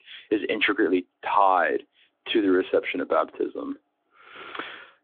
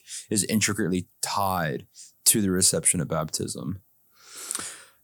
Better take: second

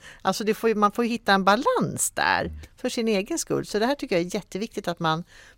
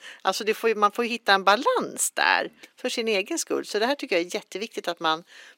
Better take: first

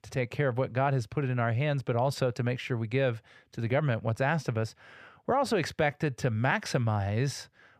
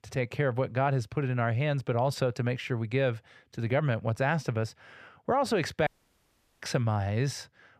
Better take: first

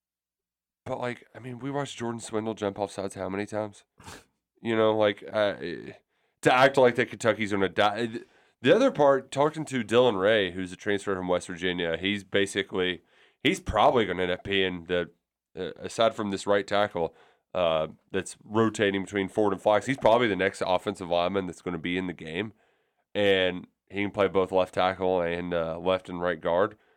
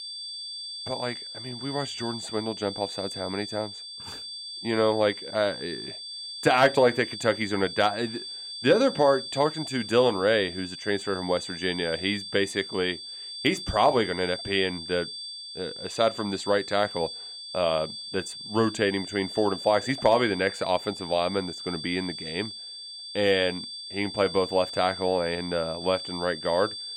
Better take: first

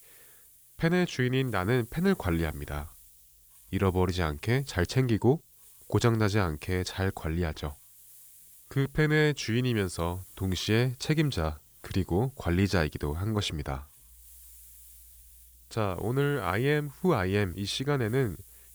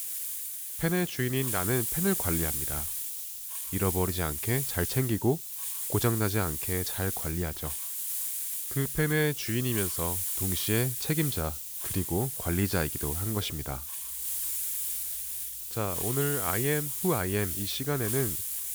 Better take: first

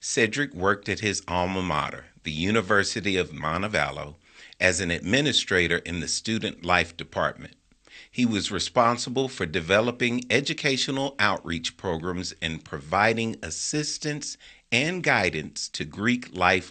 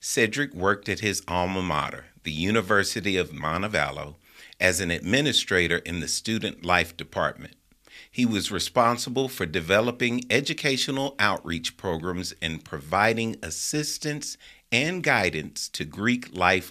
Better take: second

